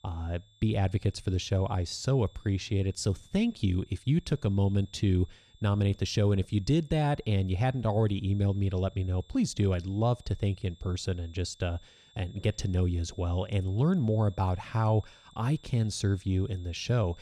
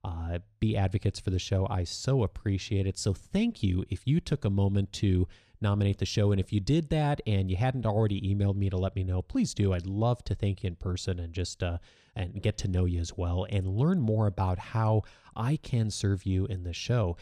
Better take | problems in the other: second | high-pitched whine; faint; throughout; 3.5 kHz, 30 dB below the speech

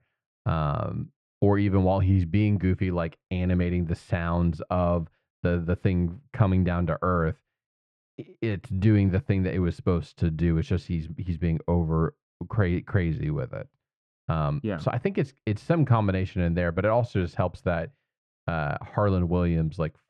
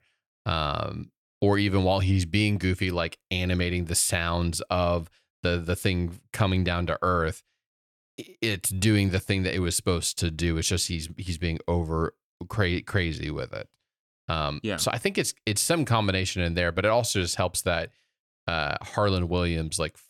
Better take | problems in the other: second | muffled; very; fading above 1.5 kHz

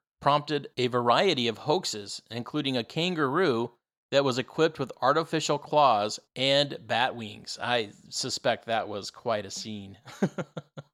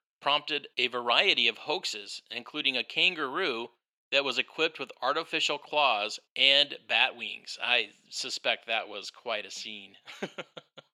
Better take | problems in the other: first | thin; very slightly; fading below 300 Hz

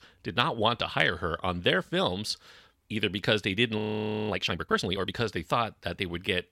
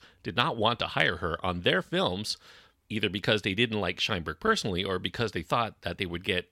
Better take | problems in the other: second | audio freezing; at 4 s for 0.5 s

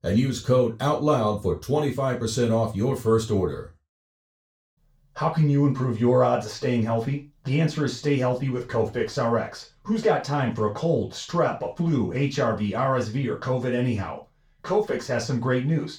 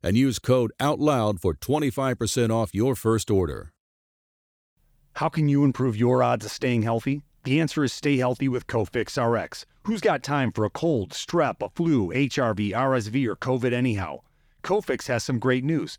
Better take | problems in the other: second | room echo; slight; dies away in 0.3 s // off-mic speech; far

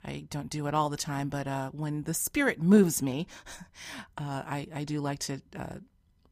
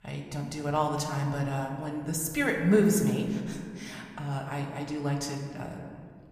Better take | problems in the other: first | room echo; slight; dies away in 1.6 s

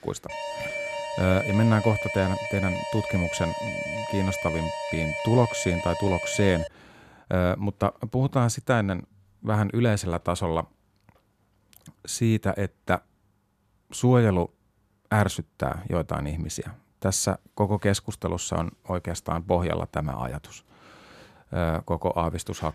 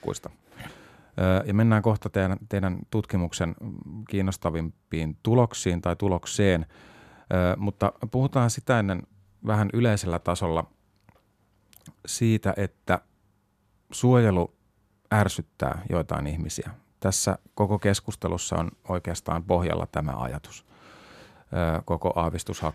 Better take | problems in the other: second | alarm; noticeable; until 6.5 s; peak 4 dB below the speech

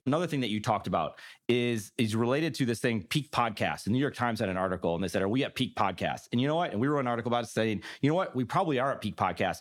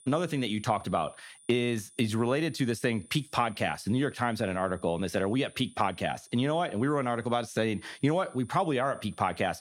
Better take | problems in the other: first | high-pitched whine; faint; throughout; 9.5 kHz, 25 dB below the speech

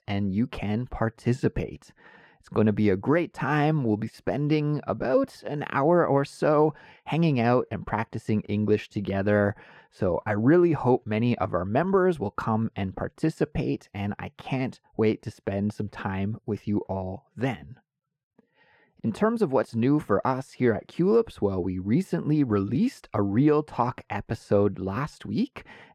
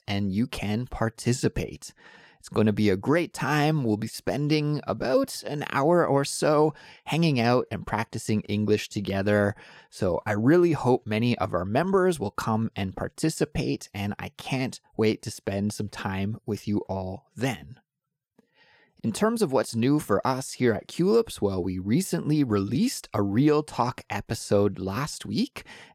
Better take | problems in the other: second | muffled; slightly; fading above 3.5 kHz

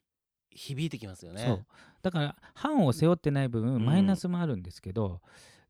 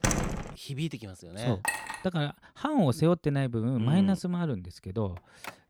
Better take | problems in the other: first | door banging; loud; at the start; peak 1 dB above the speech // clattering dishes; noticeable; at 1.5 s; peak 2 dB below the speech // phone ringing; faint; at 5 s; peak 15 dB below the speech

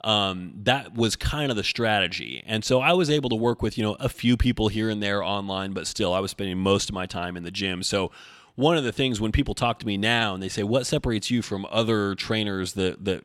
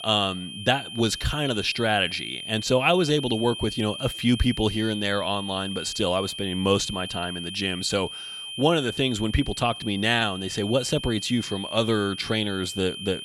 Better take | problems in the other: first | high-pitched whine; loud; throughout; 3 kHz, 9 dB below the speech

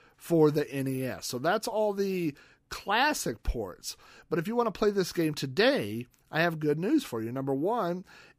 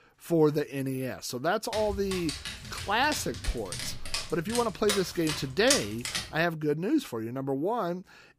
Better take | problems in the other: first | dog barking; loud; from 1.5 to 6 s; peak 2 dB above the speech

